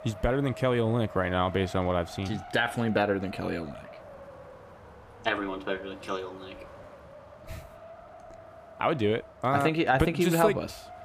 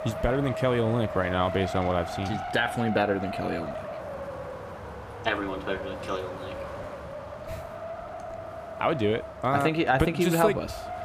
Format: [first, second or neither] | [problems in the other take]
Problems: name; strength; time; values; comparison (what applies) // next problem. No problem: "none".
first | wind noise on the microphone; heavy; 8 dB below the speech; occasional gusts in the first